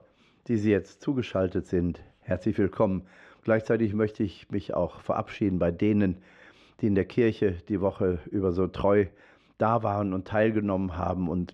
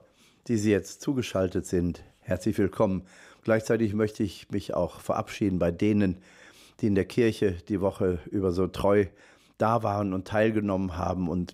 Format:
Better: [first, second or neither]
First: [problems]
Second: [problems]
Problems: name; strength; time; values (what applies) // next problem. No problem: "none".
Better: second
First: muffled; slightly; fading above 3 kHz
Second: none